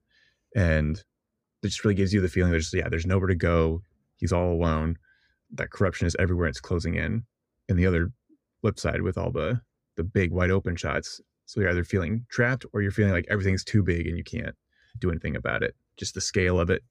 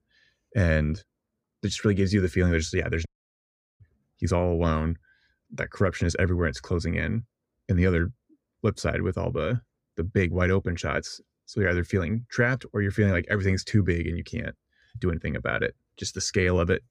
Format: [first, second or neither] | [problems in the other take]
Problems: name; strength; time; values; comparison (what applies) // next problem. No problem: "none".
first | audio cutting out; at 3 s for 0.5 s